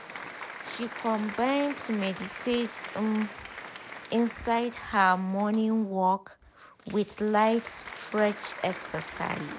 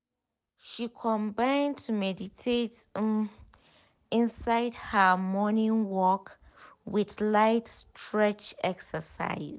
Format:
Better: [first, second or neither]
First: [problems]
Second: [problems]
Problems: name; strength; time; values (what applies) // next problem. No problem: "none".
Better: second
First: background sound (Applause); 13 dB below the speech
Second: none